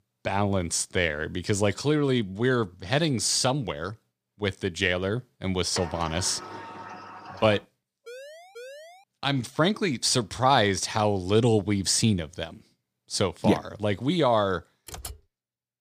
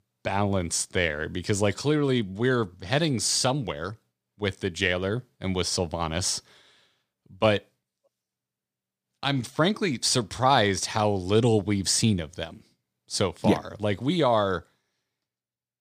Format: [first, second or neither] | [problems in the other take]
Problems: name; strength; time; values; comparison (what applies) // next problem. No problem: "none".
second | door banging; faint; from 6 to 7.5 s; peak 10 dB below the speech // siren; faint; at 8 s; peak 15 dB below the speech // keyboard typing; faint; at 15 s; peak 15 dB below the speech